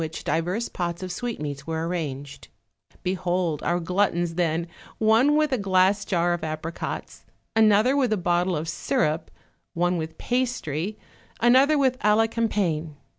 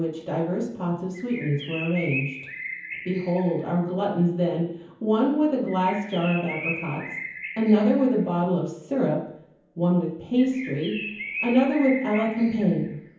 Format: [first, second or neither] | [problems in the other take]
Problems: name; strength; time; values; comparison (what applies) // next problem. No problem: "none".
first | background sound (Bird); 12 dB below the speech // room echo; dies away in 0.7 s